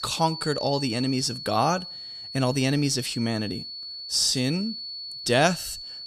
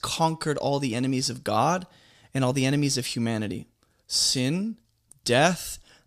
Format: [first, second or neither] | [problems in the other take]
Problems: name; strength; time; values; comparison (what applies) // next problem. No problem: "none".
second | high-pitched whine; loud; throughout; 4.5 kHz, 9 dB below the speech